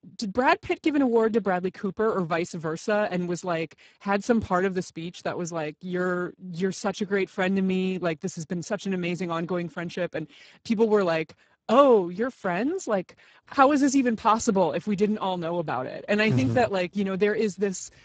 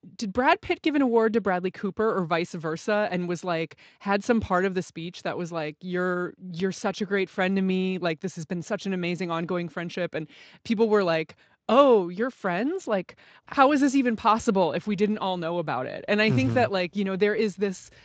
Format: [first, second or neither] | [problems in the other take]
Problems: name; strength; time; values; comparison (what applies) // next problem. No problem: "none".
second | garbled, watery; badly; nothing above 7.5 kHz; slightly in the second